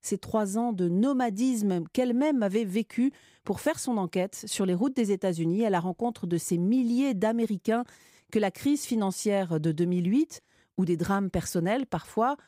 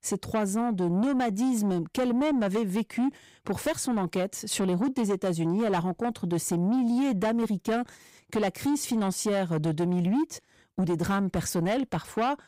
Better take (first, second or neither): first